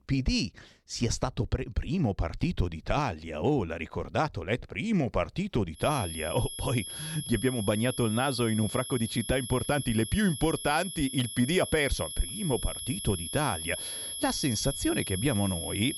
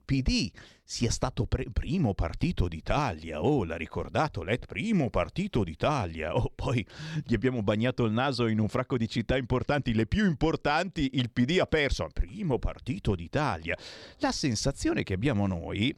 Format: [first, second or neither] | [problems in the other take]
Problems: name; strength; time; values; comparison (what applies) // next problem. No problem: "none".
second | high-pitched whine; loud; from 6 s on; 3.5 kHz, 6 dB below the speech